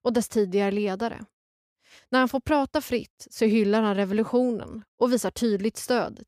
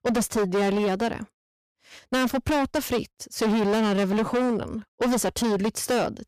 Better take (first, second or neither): first